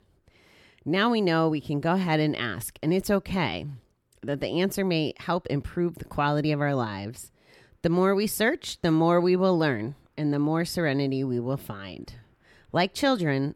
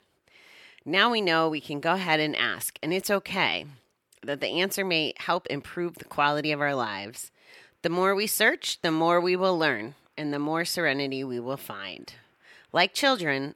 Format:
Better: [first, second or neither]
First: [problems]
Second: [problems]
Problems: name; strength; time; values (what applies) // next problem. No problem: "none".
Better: first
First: none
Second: thin; somewhat; fading below 700 Hz